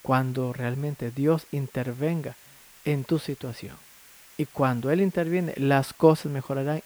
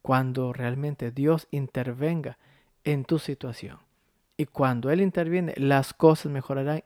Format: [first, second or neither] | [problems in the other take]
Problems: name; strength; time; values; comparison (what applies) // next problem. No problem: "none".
second | hiss; faint; throughout; 25 dB below the speech